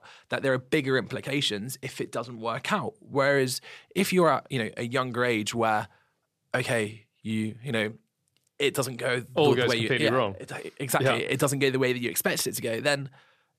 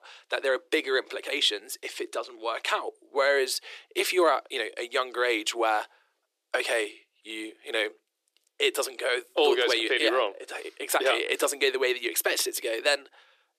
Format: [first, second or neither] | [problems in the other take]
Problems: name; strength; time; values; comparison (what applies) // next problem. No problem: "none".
first | thin; very; fading below 350 Hz